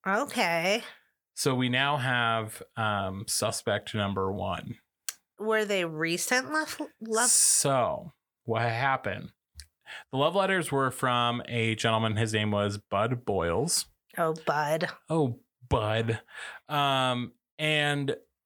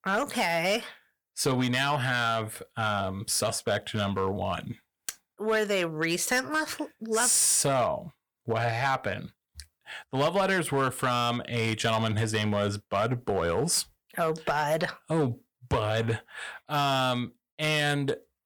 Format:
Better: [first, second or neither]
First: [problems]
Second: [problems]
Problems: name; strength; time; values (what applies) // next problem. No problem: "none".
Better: first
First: none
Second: distortion; slight; 5% of the sound clipped